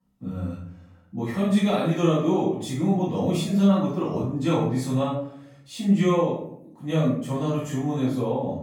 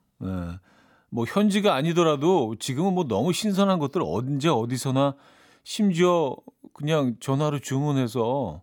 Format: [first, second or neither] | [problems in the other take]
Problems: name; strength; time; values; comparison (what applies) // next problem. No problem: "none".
second | room echo; noticeable; dies away in 0.6 s // off-mic speech; far